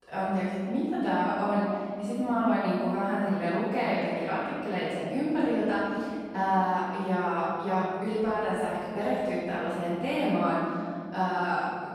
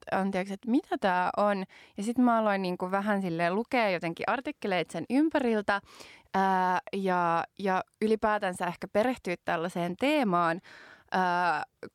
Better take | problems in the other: second | off-mic speech; far // room echo; strong; dies away in 2.7 s

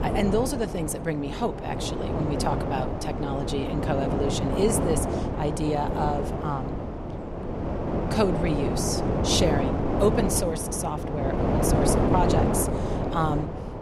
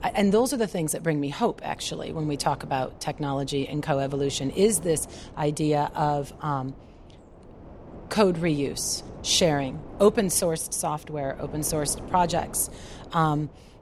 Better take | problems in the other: second | wind noise on the microphone; heavy; 1 dB below the speech; occasional gusts in the second

